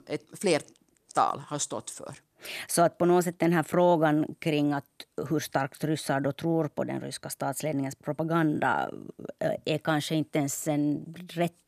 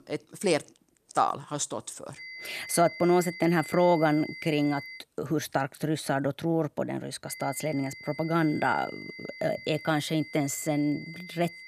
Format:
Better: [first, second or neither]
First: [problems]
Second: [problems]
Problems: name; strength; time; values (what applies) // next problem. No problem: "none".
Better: first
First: none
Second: high-pitched whine; noticeable; from 2 to 5 s and from 7.5 s on; 2 kHz, 15 dB below the speech